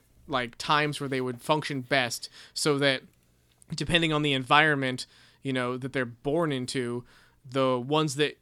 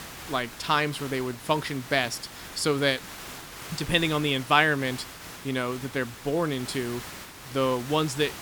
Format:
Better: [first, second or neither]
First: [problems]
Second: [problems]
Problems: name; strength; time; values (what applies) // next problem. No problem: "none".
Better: first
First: none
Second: hiss; noticeable; throughout; 15 dB below the speech